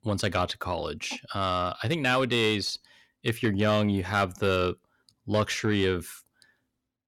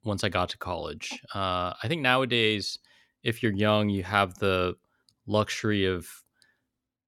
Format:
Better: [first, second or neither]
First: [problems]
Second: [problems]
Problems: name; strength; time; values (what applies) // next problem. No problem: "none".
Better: second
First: distortion; slight; 10 dB below the speech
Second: none